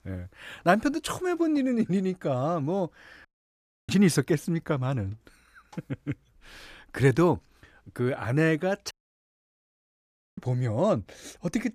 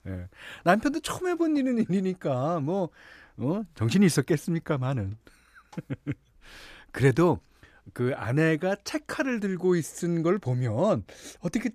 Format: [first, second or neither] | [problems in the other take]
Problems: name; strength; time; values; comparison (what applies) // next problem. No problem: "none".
second | audio cutting out; at 3.5 s for 0.5 s and at 9 s for 1.5 s